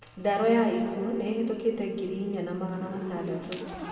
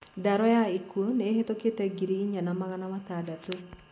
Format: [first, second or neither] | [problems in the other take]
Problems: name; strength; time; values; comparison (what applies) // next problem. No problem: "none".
second | background sound (Zipper (clothing)); 14 dB below the speech // room echo; dies away in 2.2 s